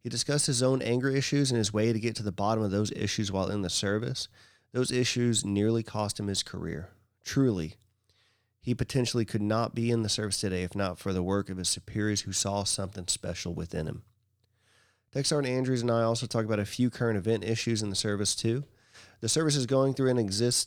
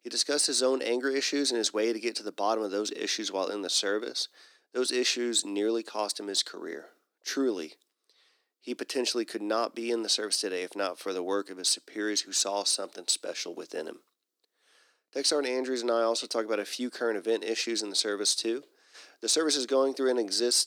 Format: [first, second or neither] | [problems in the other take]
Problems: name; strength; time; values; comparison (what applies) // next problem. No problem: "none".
first | thin; somewhat; fading below 300 Hz